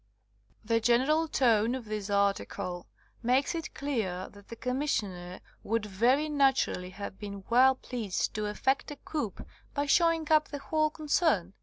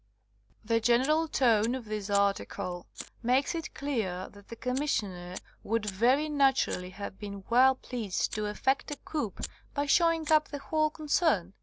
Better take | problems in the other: first | background sound (Fire); 18 dB below the speech

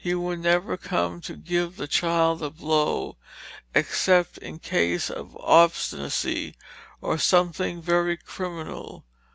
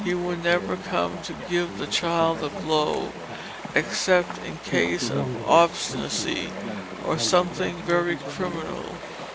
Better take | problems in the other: first | background sound (Chatter / Stream); 8 dB below the speech

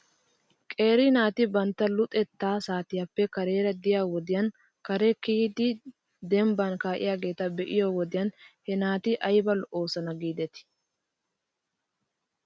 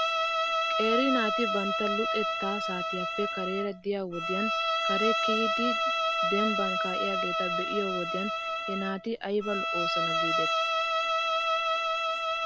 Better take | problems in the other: first | background sound (Bowed string instrument); 5 dB above the speech

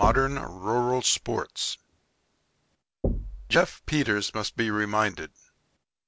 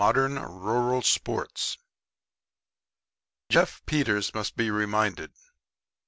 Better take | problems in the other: second | background sound (Knock); 8 dB below the speech

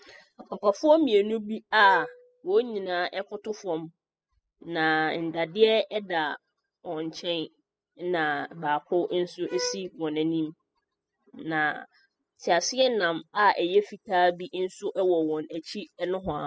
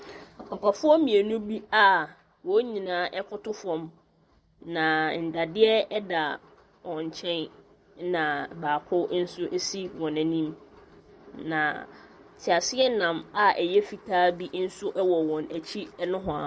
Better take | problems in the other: second | noise reduction (classical method spectral subtraction)

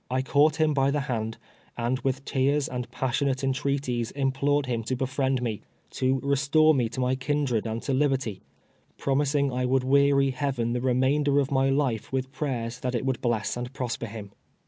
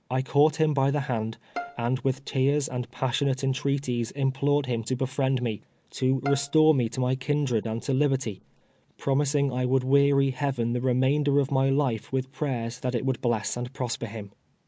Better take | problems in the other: first | background sound (Bowed string instrument); 18 dB below the speech

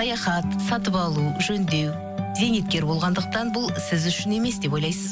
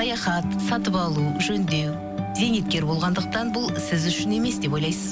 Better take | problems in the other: first | background sound (Train); 10 dB below the speech

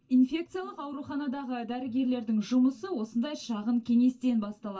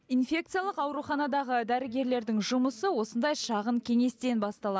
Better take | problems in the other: second | room echo; dies away in 0.2 s

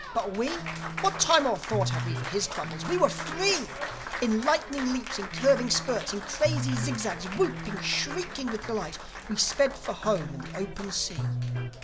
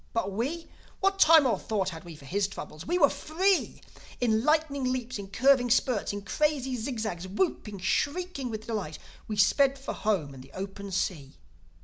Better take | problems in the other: second | background sound (Electric guitar + Applause); 6 dB below the speech

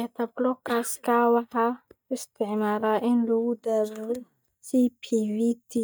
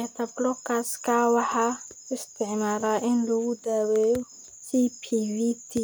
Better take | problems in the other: second | noise reduction (neural mask model DeepFilterNet 3)

